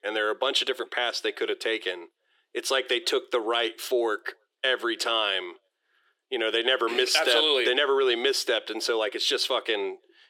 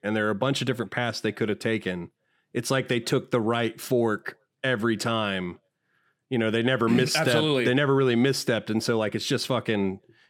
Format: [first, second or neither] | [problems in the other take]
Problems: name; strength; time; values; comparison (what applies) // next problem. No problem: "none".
second | thin; very; fading below 350 Hz